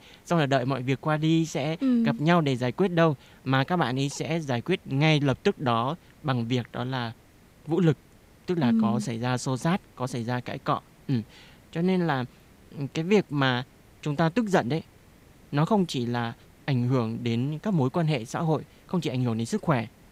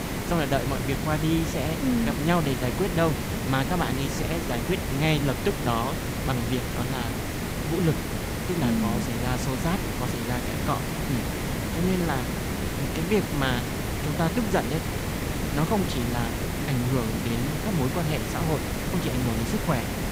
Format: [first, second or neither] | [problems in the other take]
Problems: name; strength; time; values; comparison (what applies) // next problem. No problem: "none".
first | hiss; loud; throughout; 1 dB below the speech; faint in the first